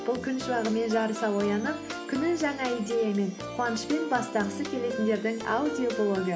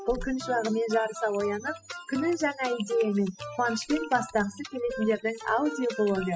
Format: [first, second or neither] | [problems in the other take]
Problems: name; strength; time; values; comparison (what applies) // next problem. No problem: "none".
first | noise reduction (classical method spectral subtraction)